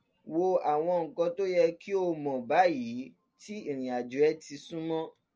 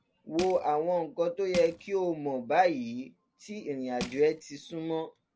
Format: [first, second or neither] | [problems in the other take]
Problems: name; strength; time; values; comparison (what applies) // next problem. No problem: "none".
first | background sound (Crushing); 12 dB below the speech